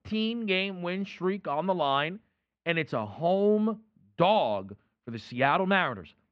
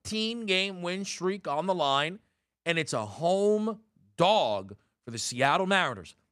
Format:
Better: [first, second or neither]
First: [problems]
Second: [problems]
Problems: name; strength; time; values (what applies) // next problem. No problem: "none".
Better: second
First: muffled; very; fading above 3 kHz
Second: none